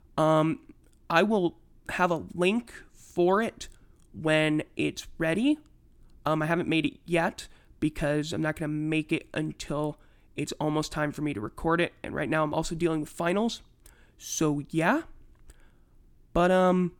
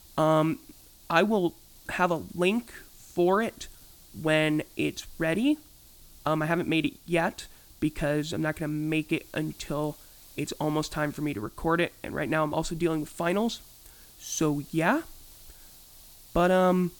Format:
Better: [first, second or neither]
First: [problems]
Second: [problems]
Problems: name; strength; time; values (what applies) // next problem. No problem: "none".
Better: first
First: none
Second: hiss; faint; throughout; 25 dB below the speech